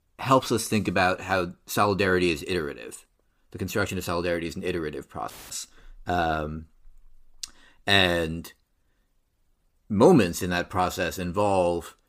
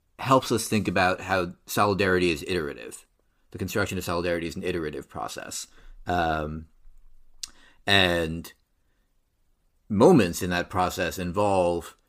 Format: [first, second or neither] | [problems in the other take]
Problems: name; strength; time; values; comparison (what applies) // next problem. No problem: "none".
second | audio cutting out; filled with static; at 5.5 s